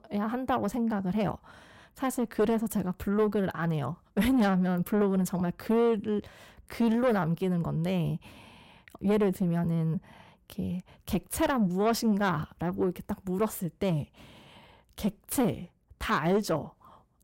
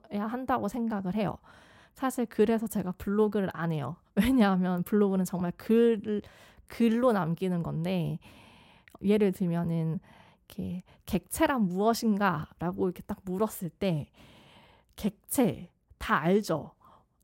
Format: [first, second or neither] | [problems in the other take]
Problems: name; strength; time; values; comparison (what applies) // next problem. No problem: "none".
second | distortion; slight; 10 dB below the speech